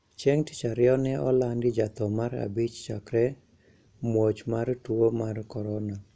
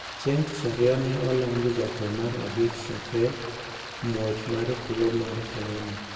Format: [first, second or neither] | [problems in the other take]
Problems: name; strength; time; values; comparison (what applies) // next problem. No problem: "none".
first | background sound (Stream); 11 dB below the speech // room echo; dies away in 1.8 s